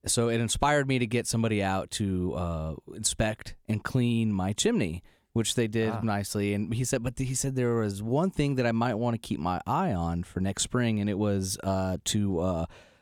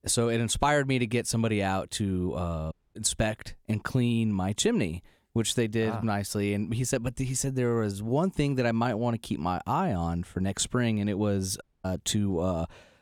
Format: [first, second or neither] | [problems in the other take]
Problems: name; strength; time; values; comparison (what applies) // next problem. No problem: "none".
first | audio cutting out; at 2.5 s and at 12 s